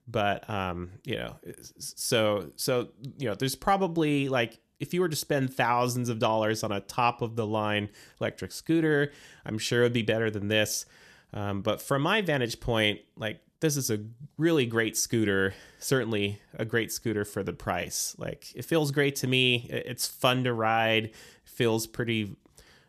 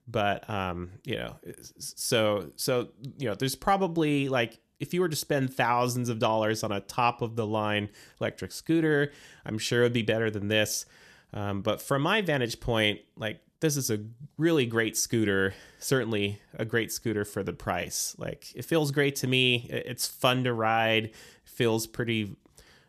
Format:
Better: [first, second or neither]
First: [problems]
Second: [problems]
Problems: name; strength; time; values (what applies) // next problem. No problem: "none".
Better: neither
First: none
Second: none